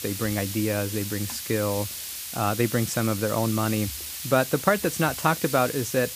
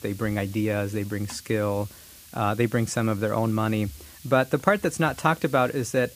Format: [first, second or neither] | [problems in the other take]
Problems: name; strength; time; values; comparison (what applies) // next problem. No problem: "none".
second | hiss; loud; throughout; 6 dB below the speech; faint in the second